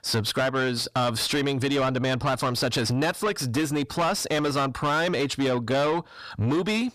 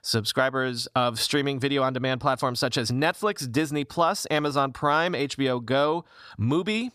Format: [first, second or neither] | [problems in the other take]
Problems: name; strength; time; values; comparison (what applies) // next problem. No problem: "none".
second | distortion; heavy; 8 dB below the speech